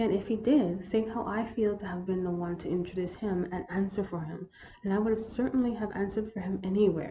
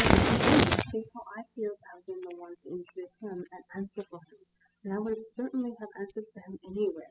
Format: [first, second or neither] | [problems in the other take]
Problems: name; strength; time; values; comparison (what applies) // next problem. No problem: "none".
first | noise reduction (classical method spectral subtraction)